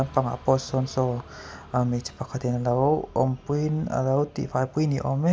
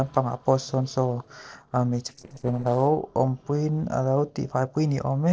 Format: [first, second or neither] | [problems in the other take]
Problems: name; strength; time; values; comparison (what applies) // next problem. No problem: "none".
first | noise reduction (neural separator model SepFormer DNS4)